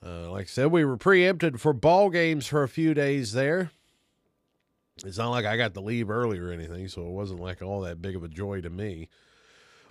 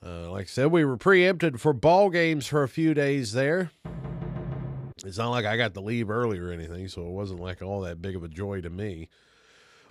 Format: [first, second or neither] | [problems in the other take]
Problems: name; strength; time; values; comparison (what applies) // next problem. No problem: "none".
first | door banging; noticeable; from 4 to 5 s; peak 9 dB below the speech